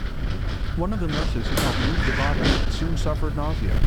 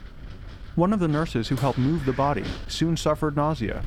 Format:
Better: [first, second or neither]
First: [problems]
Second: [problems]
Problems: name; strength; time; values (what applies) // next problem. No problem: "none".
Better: second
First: wind noise on the microphone; heavy; 3 dB above the speech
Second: wind noise on the microphone; occasional gusts; 15 dB below the speech